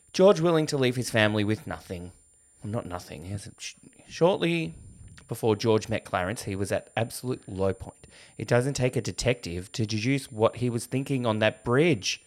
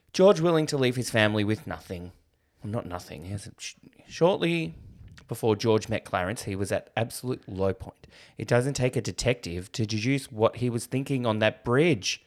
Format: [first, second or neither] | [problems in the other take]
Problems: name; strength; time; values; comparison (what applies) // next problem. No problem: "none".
second | high-pitched whine; faint; throughout; 9 kHz, 30 dB below the speech